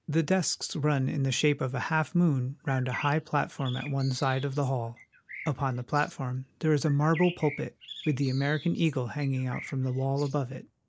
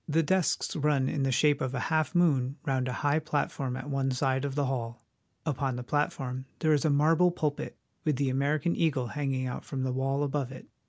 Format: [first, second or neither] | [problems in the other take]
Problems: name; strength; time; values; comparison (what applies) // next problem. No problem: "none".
second | noise reduction (neural mask model Resemble Enhance denoiser)